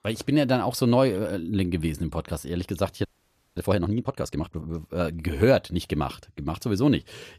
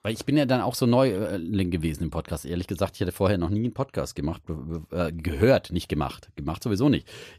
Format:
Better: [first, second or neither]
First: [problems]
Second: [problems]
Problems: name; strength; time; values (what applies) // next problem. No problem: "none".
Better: second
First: audio freezing; at 3 s for 0.5 s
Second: none